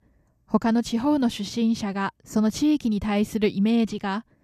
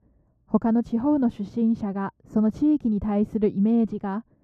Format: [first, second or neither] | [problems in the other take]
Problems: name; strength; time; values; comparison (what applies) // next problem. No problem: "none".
first | muffled; very; fading above 1.5 kHz